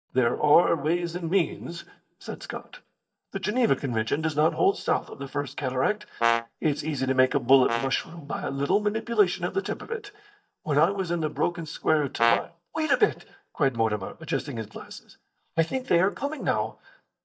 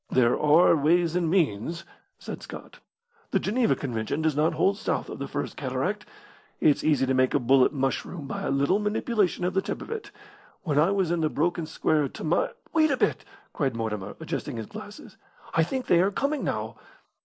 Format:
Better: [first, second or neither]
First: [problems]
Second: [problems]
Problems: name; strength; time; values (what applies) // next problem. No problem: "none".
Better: second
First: noise reduction (neural mask model DeepFilterNet 3)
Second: none